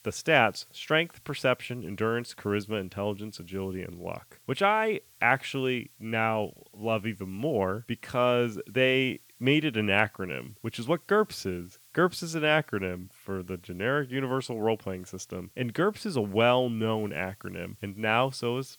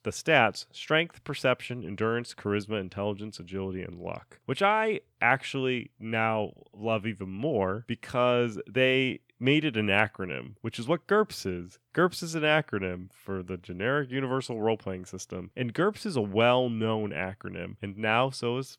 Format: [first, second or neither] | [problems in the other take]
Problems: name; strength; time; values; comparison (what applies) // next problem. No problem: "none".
second | hiss; faint; throughout; 25 dB below the speech